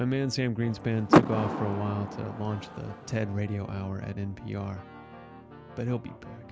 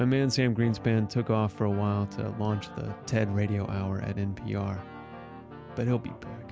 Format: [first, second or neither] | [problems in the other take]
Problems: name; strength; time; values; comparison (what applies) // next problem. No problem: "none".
second | background sound (Door / Car); 2 dB above the speech